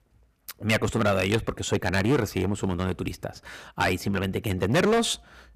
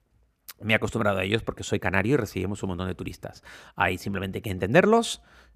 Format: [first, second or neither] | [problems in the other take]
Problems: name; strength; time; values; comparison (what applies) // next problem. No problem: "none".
second | distortion; heavy; 7% of the sound clipped